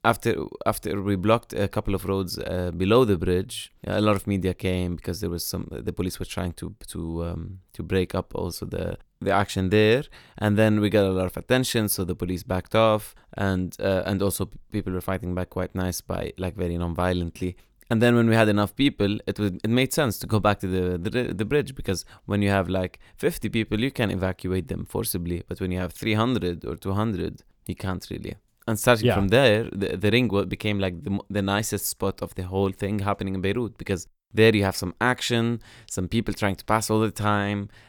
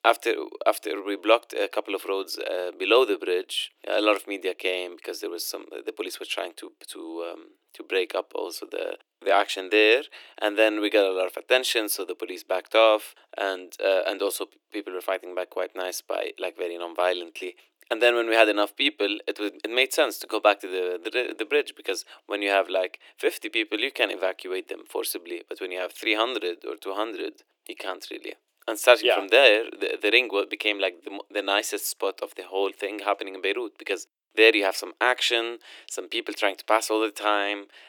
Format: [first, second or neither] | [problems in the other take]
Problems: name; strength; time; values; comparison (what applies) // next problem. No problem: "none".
first | thin; very; fading below 300 Hz